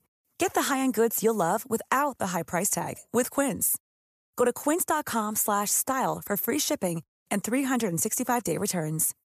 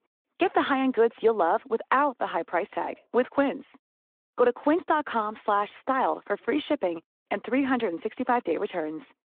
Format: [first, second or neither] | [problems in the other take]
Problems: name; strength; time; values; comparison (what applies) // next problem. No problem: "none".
first | phone-call audio